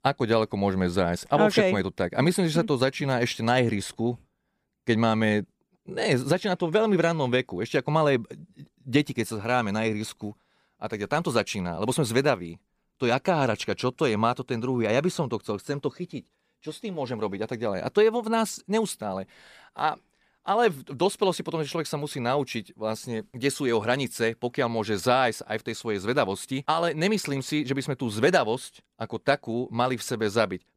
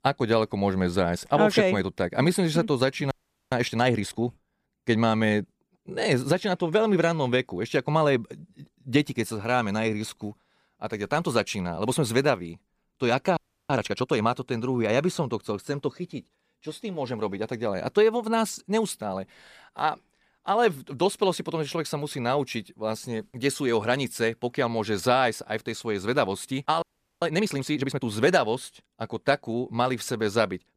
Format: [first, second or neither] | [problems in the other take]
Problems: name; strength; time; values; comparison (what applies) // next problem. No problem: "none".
first | audio freezing; at 3 s, at 13 s and at 27 s